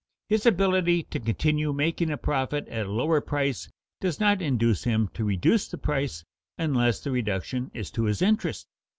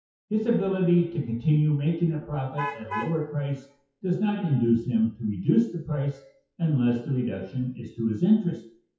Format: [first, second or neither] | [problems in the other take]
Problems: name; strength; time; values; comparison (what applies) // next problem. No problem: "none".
first | noise reduction (classical method WPE with log-MMSE)